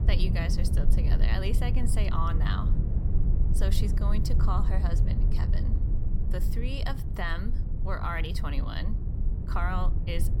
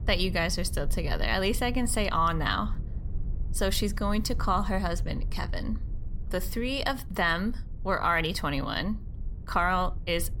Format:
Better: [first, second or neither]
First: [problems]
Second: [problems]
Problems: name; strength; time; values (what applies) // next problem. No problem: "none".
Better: second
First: low rumble; loud; throughout; 7 dB below the speech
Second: low rumble; faint; throughout; 25 dB below the speech